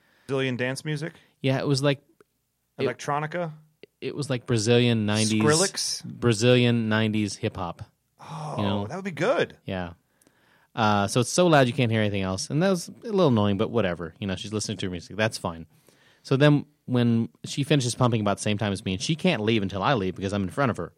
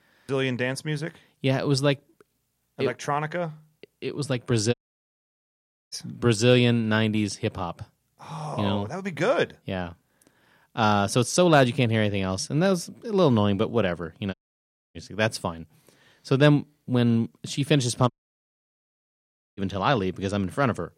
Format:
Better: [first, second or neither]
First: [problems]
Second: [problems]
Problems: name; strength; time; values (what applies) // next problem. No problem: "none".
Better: first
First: none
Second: audio cutting out; at 4.5 s for 1 s, at 14 s for 0.5 s and at 18 s for 1.5 s